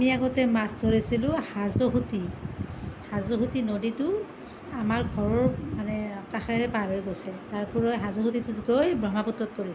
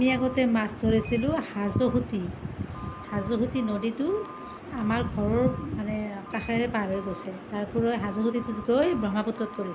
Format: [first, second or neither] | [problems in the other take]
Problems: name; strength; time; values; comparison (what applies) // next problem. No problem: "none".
first | background sound (Telephone); 19 dB below the speech